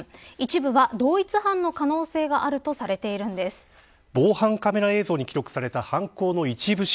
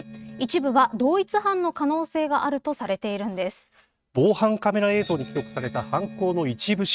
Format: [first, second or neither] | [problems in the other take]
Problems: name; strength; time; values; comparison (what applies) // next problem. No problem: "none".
first | noise reduction (neural mask model RNNoise)